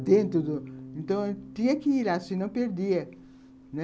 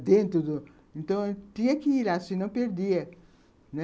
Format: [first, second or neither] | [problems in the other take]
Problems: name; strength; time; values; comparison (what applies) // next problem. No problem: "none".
second | background sound (Bass guitar); 16 dB below the speech